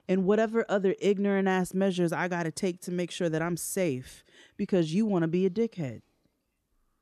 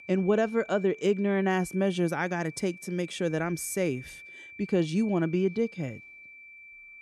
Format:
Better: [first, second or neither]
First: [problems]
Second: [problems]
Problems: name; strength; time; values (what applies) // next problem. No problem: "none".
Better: first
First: none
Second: high-pitched whine; noticeable; throughout; 2.5 kHz, 15 dB below the speech